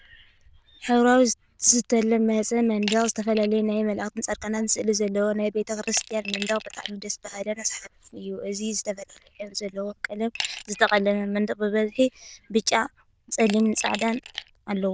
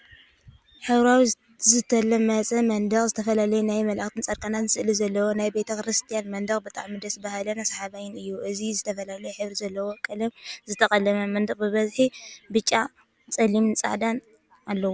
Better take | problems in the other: second | noise reduction (neural diffusion model UNIVERSE++)

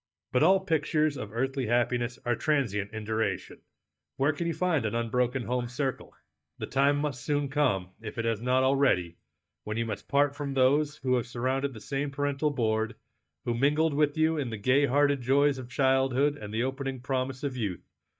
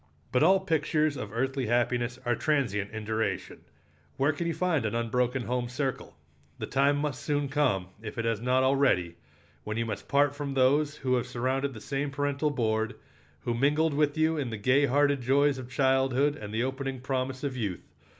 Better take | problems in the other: second | noise reduction (neural mask model DeepFilterNet 3)

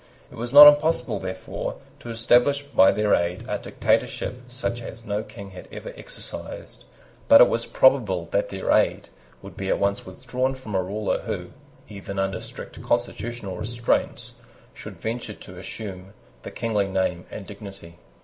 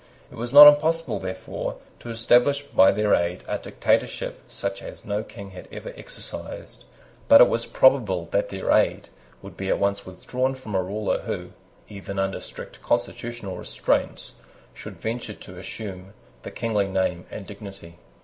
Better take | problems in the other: second | background sound (Tap); 18 dB below the speech

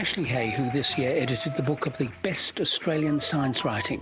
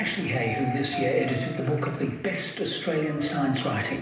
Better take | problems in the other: first | room echo; dies away in 0.8 s

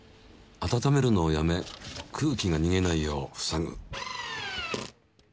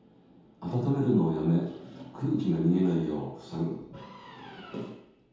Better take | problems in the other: first | room echo; dies away in 0.8 s

